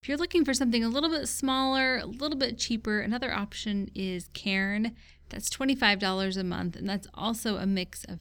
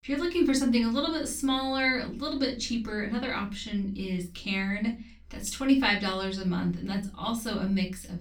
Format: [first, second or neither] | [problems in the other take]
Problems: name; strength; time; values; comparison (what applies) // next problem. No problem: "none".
first | off-mic speech; far // room echo; very slight; dies away in 0.3 s